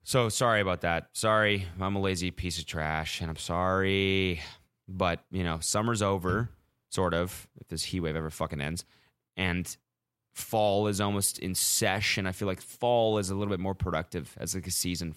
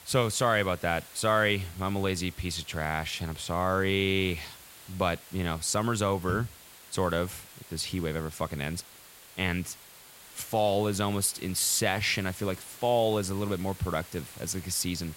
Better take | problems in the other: first | hiss; noticeable; throughout; 20 dB below the speech

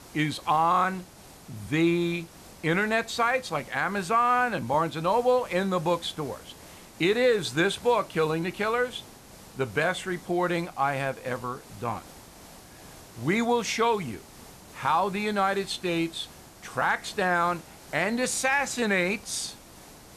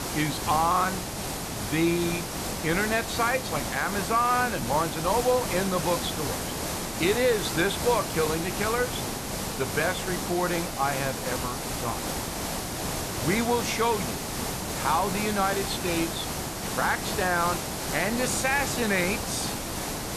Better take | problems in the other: first | hiss; loud; throughout; 3 dB below the speech; faint in the first

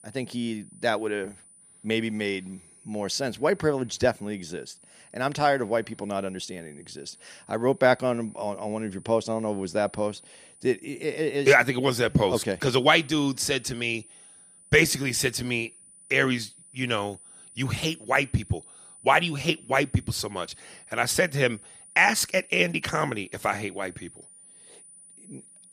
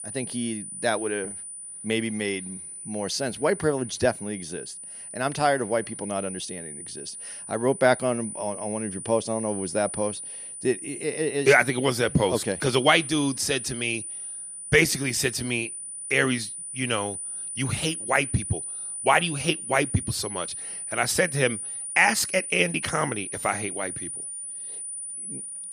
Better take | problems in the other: first | high-pitched whine; loud; throughout; 9.5 kHz, 8 dB below the speech; faint in the first

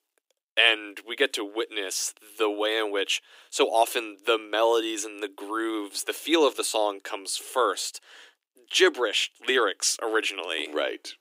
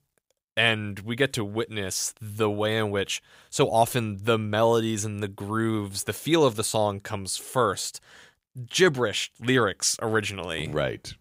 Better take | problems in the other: second | thin; somewhat; fading below 300 Hz

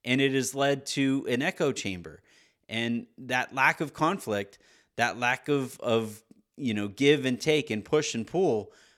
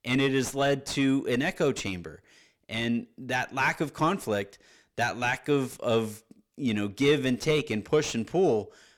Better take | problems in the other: first | distortion; slight; 9 dB below the speech

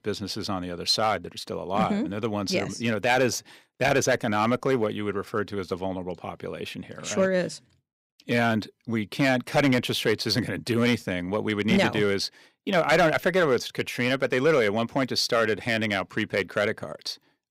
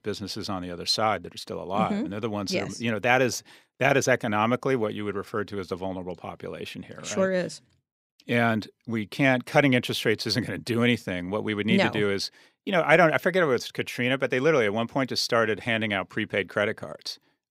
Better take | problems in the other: second | distortion; slight; 2% of the sound clipped

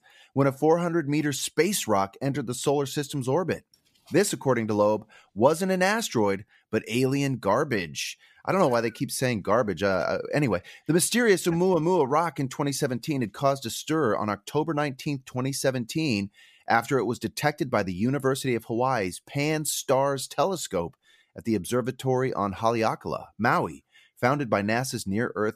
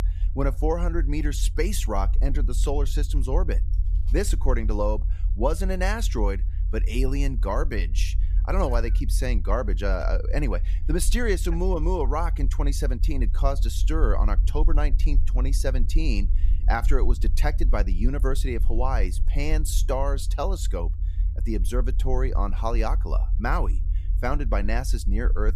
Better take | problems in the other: first | low rumble; noticeable; throughout; 20 dB below the speech

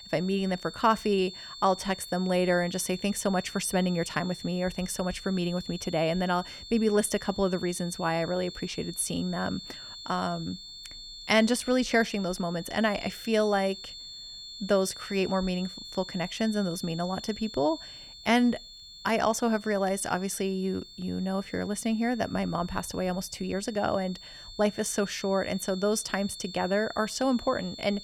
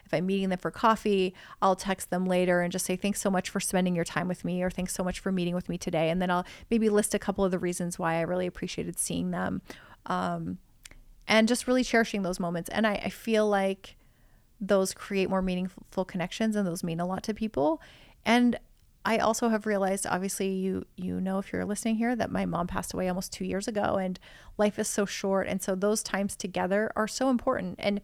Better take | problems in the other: second | high-pitched whine; noticeable; throughout; 4.5 kHz, 15 dB below the speech

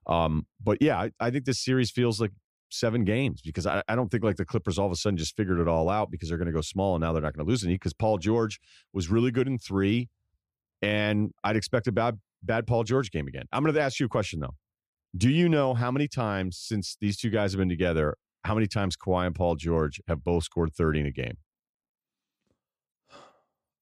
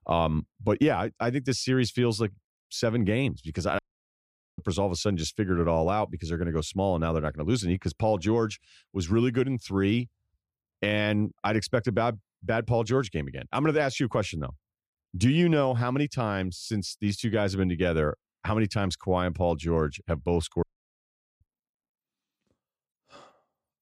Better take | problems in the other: first | audio cutting out; at 4 s for 1 s and at 21 s for 1 s

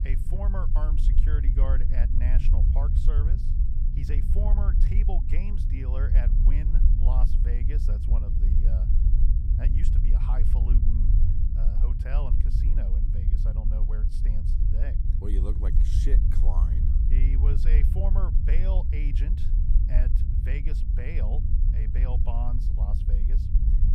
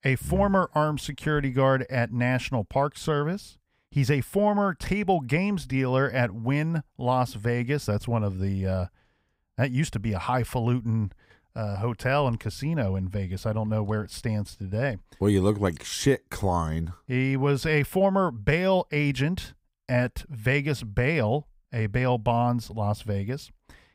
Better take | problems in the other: second | low rumble; loud; throughout; 2 dB below the speech

